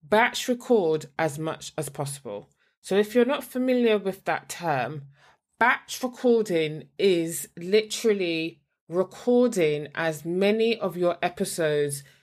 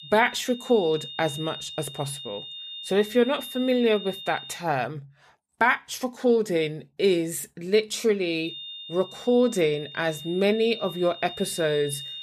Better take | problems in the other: first | high-pitched whine; noticeable; until 4.5 s and from 8.5 s on; 3.5 kHz, 10 dB below the speech

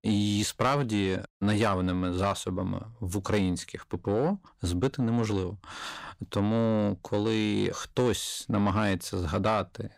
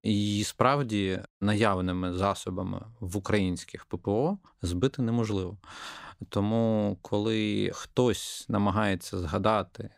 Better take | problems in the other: second | distortion; slight; 10 dB below the speech

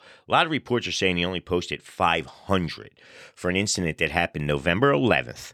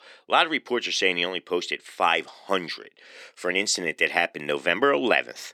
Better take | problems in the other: first | thin; somewhat; fading below 300 Hz

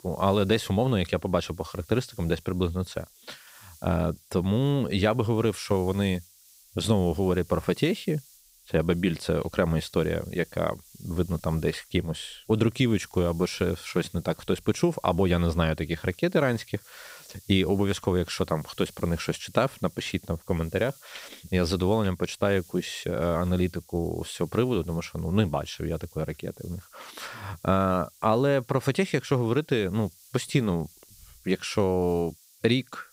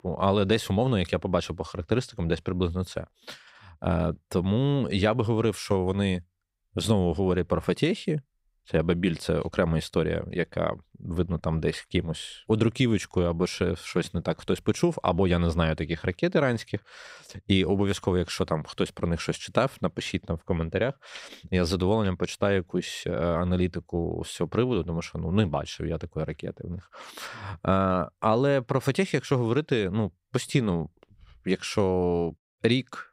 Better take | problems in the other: second | hiss; faint; throughout; 25 dB below the speech

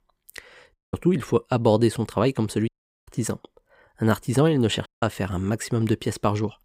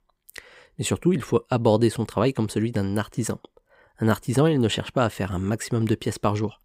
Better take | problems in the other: second | audio cutting out; at 0.5 s, at 2.5 s and at 5 s

